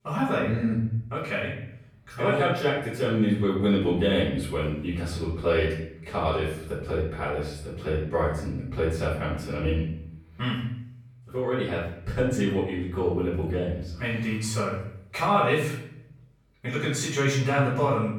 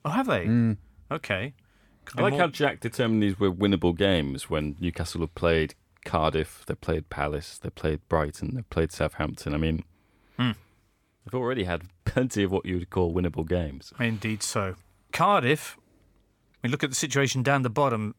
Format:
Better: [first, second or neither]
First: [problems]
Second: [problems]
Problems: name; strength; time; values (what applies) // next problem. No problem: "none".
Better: second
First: off-mic speech; far // room echo; noticeable; dies away in 0.7 s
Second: none